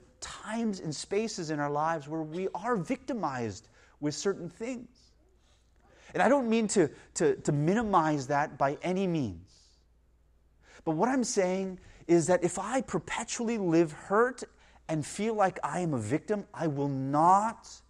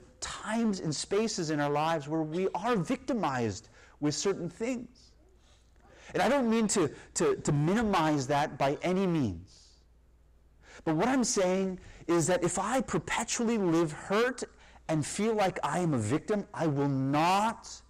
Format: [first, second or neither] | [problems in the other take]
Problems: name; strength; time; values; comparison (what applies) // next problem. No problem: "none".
first | distortion; heavy; 12% of the sound clipped